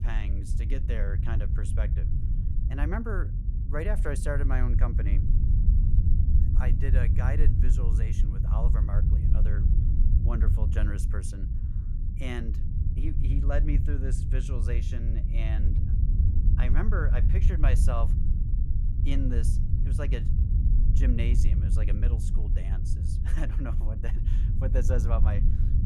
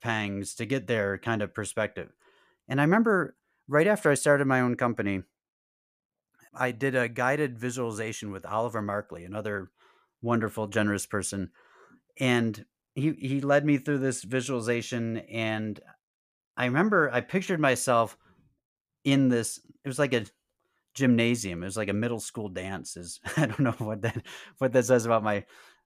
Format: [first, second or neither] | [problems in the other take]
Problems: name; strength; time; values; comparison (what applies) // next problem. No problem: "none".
second | low rumble; loud; throughout; 5 dB below the speech